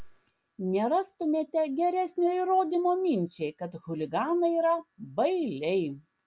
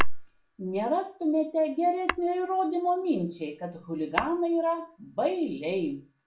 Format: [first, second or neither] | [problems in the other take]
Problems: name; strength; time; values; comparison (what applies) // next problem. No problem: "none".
first | background sound (Tap / Hammer); 13 dB below the speech // room echo; dies away in 0.3 s